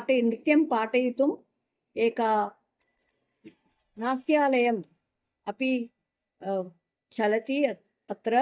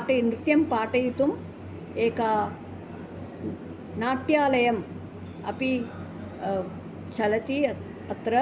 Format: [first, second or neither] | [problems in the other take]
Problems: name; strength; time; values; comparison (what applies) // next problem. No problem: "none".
second | noise reduction (neural mask model DeepFilterNet 3)